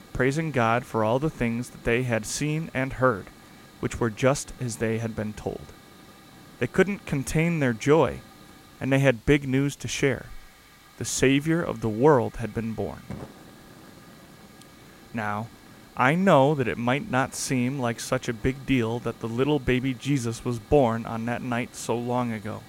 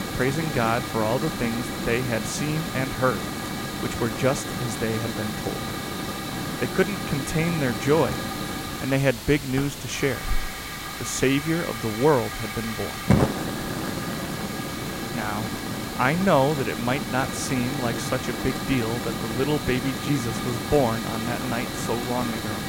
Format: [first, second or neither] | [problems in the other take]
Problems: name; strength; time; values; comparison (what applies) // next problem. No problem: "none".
first | hiss; loud; throughout; 3 dB below the speech; faint in the first